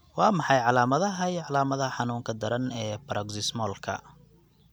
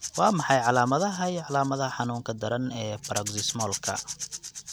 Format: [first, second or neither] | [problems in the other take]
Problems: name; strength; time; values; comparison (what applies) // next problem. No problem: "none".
first | background sound (Rattle / Rattle (instrument)); 12 dB below the speech